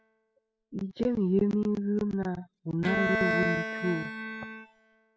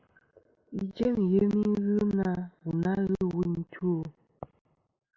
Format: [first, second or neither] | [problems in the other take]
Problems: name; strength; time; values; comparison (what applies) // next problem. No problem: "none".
second | noise reduction (classical method spectral subtraction)